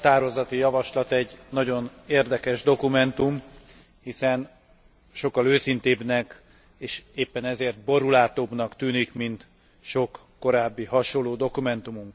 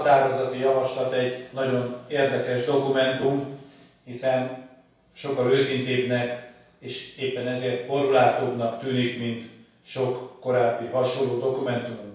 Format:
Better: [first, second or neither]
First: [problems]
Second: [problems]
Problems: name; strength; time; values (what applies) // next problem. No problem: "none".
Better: first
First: none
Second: room echo; dies away in 0.7 s